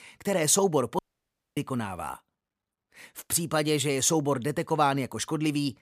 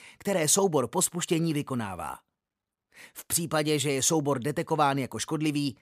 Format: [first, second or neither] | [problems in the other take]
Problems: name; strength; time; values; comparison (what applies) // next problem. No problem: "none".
second | audio cutting out; at 1 s for 0.5 s